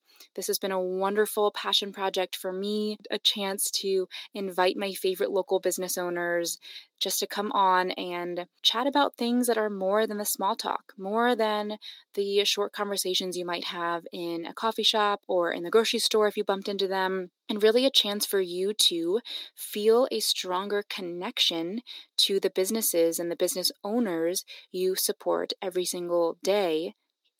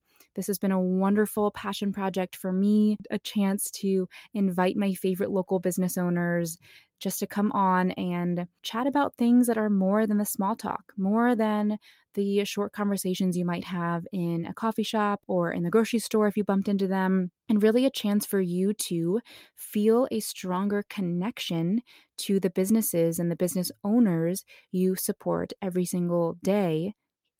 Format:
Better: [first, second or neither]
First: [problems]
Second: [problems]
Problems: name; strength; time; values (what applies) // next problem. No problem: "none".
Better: second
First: thin; somewhat; fading below 300 Hz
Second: none